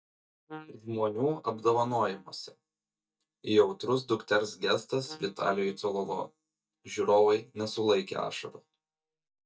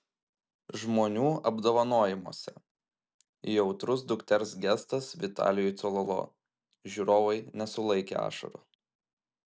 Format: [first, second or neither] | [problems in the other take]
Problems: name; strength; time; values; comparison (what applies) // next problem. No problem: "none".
second | noise reduction (neural mask model DeepFilterNet 3)